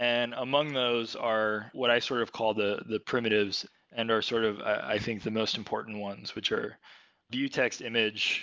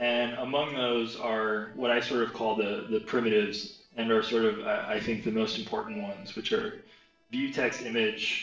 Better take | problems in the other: first | noise reduction (neural separator model SepFormer DNS4)

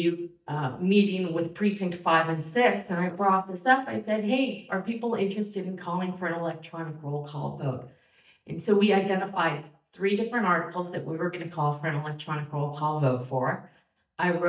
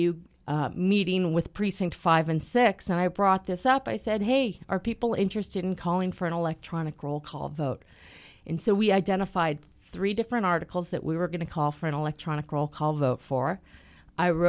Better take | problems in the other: second | noise reduction (neural mask model DeepFilterNet 3)

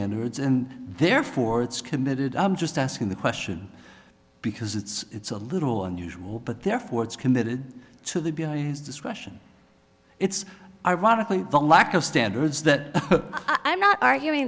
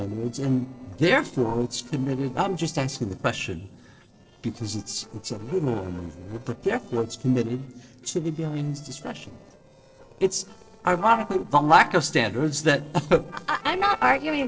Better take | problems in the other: first | noise reduction (neural separator model SepFormer DNS4)

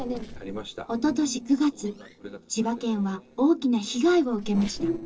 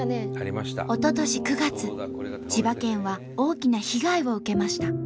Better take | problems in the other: second | noise reduction (neural separator model SepFormer DNS4)

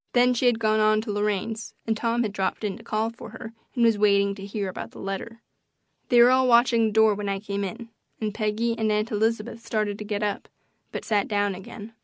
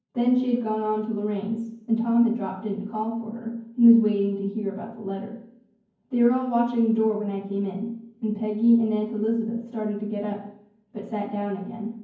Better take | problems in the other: first | room echo; dies away in 0.9 s

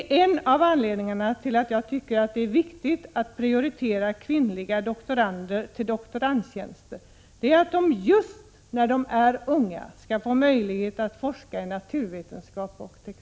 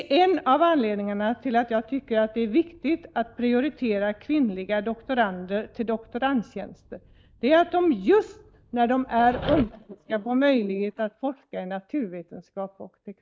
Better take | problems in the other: first | noise reduction (neural mask model DeepFilterNet 3)

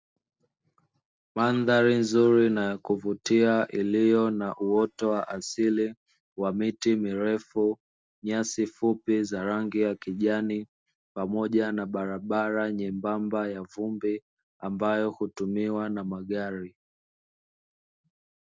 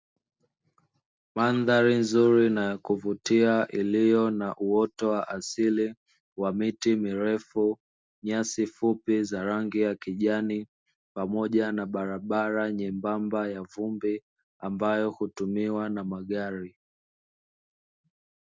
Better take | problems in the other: second | noise reduction (neural separator model SepFormer DNS4)

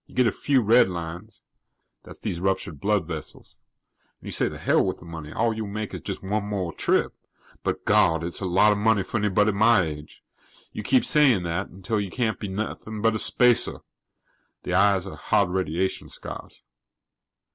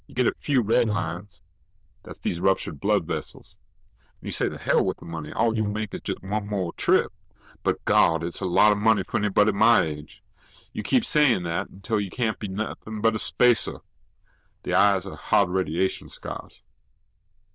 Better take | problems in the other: first | noise reduction (neural diffusion model UNIVERSE++)

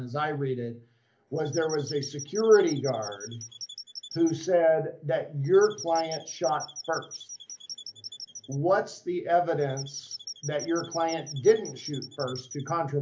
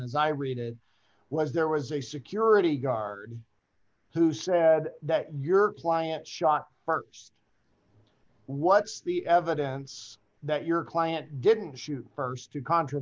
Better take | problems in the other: second | background sound (Squeak / Chirp, tweet); 14 dB below the speech // room echo; dies away in 0.3 s

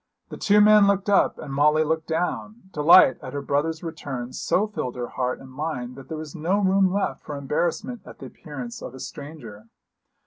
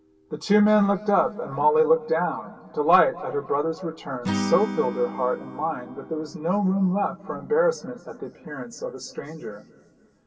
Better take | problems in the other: first | background sound (Acoustic guitar / Strum); 13 dB below the speech // room echo; dies away in 2.3 s

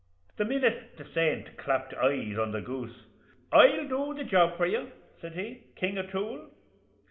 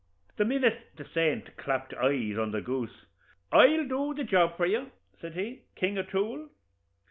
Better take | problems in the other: second | room echo; dies away in 1.6 s

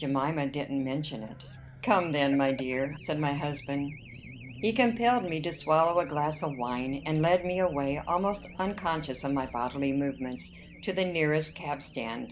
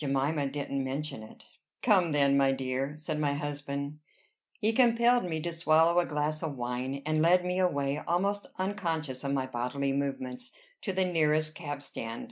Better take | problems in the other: second | background sound (Race car, auto racing / Alarm); 16 dB below the speech

